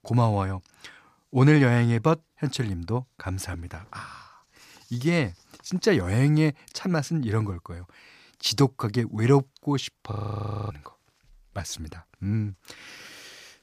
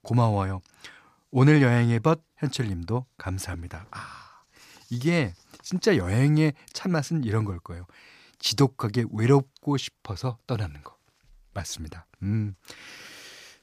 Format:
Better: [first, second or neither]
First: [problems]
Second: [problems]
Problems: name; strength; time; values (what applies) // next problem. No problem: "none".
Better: second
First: audio freezing; at 10 s for 0.5 s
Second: none